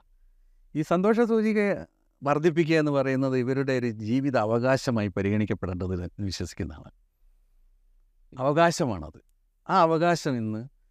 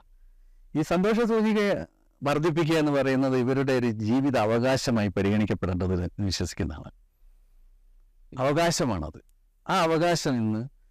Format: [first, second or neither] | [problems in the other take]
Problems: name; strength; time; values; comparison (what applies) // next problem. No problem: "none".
first | distortion; heavy; 16% of the sound clipped